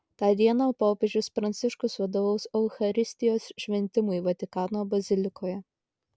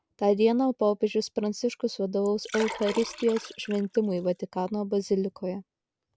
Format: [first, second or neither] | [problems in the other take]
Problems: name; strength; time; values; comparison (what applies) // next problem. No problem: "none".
first | background sound (Liquid); 13 dB below the speech